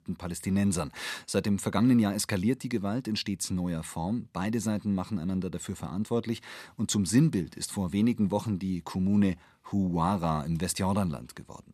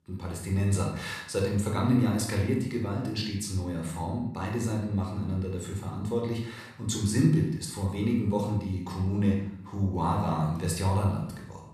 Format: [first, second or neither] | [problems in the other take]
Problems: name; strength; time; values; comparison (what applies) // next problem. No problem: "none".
first | off-mic speech; somewhat distant // room echo; noticeable; dies away in 0.6 s